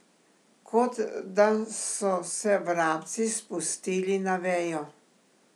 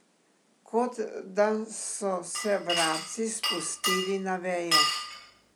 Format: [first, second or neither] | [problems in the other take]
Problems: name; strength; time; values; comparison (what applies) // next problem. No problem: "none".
first | background sound (Glass); as loud as the speech